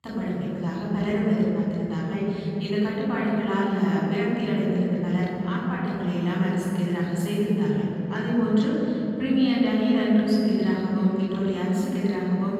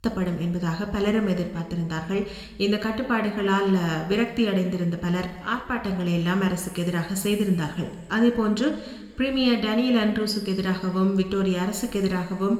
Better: second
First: room echo; strong; dies away in 3 s // off-mic speech; far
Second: room echo; slight; dies away in 1.6 s

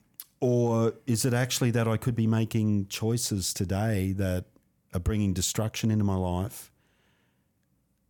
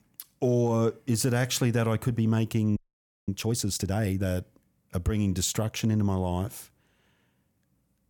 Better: first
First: none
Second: audio freezing; at 3 s for 0.5 s

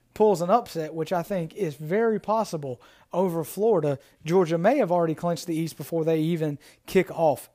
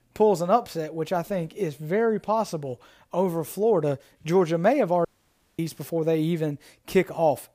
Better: first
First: none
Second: audio cutting out; at 5 s for 0.5 s

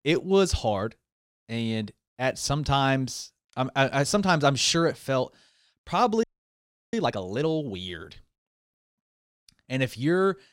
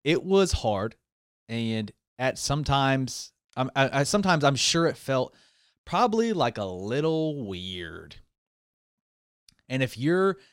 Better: second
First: audio freezing; at 6 s for 0.5 s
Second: none

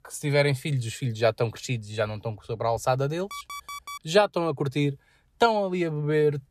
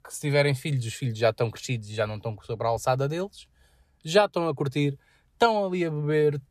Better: second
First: alarm; faint; at 3.5 s; peak 10 dB below the speech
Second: none

